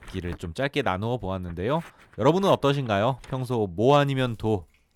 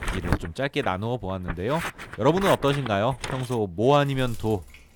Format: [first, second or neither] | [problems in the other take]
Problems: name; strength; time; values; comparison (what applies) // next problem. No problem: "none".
first | household noises; loud; throughout; 9 dB below the speech; faint in the first